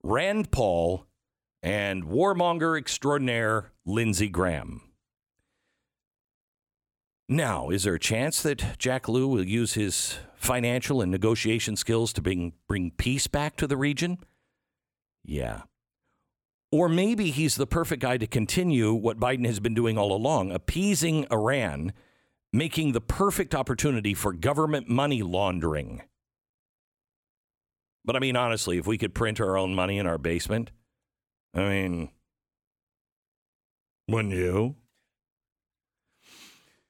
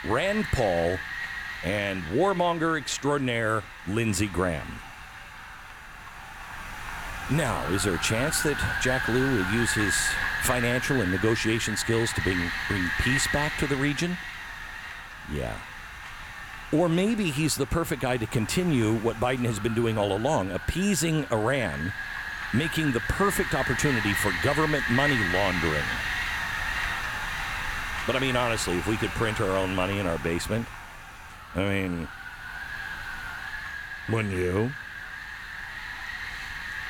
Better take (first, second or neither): first